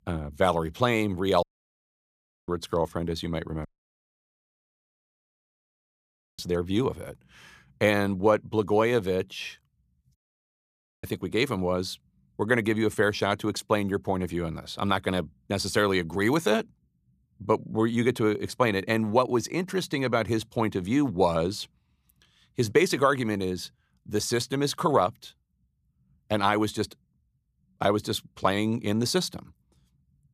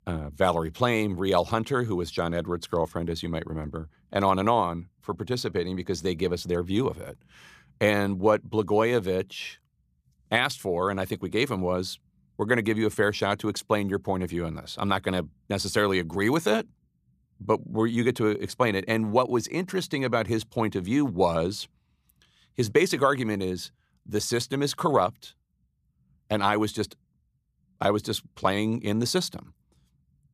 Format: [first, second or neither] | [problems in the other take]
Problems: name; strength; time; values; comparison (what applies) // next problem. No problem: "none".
second | audio cutting out; at 1.5 s for 1 s, at 3.5 s for 2.5 s and at 10 s for 1 s